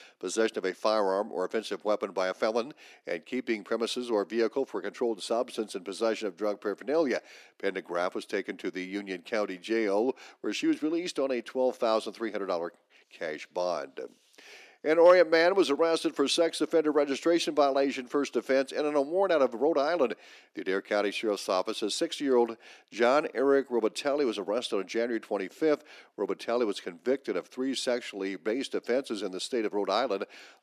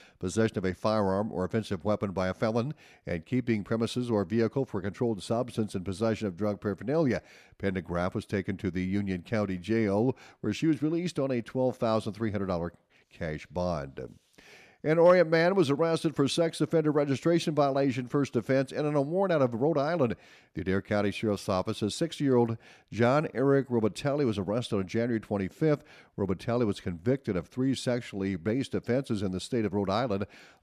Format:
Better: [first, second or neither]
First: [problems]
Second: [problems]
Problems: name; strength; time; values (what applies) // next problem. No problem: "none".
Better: second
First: thin; somewhat; fading below 300 Hz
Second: none